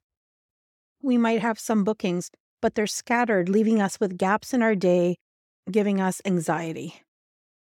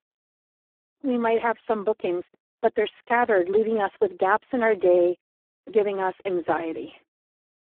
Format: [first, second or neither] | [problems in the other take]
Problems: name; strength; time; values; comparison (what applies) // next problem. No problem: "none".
first | phone-call audio; poor line